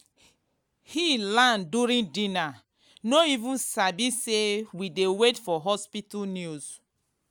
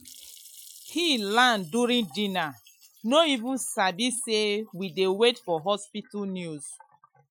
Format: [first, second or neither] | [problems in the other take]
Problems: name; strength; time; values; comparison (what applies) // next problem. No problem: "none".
first | noise reduction (classical method Wiener filter)